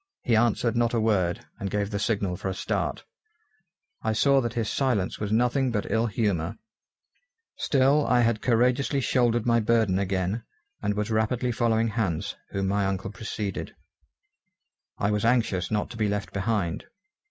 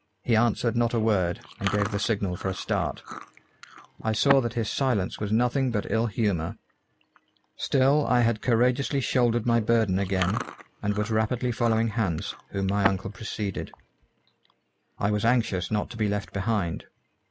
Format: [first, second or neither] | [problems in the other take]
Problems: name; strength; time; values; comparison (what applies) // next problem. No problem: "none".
first | background sound (Chewing, mastication); 14 dB below the speech